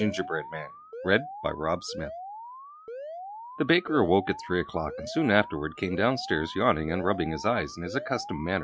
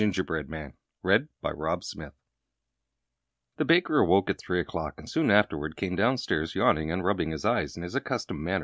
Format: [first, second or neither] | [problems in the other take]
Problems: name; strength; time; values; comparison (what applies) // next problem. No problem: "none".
second | noise reduction (classical method log-MMSE)